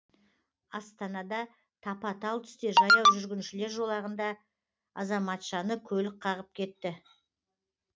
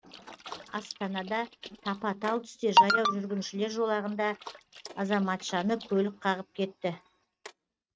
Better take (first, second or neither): first